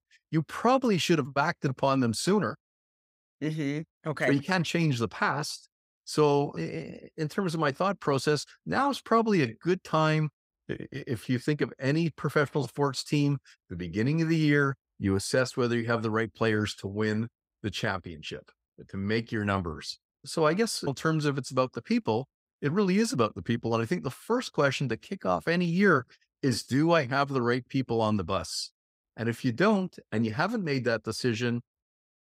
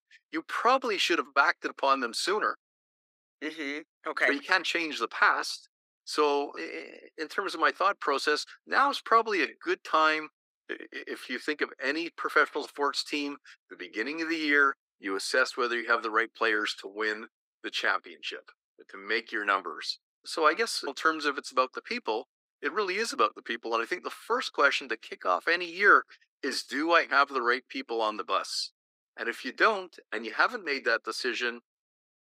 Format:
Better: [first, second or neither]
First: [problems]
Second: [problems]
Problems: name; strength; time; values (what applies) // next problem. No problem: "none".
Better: first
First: none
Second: thin; very; fading below 300 Hz